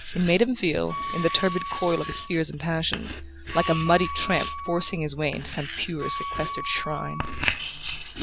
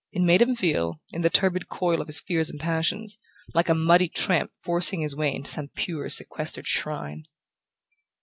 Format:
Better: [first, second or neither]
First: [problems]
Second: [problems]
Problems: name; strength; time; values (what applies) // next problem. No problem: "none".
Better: second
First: background sound (Writing + Wind instrument, woodwind instrument); 6 dB below the speech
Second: none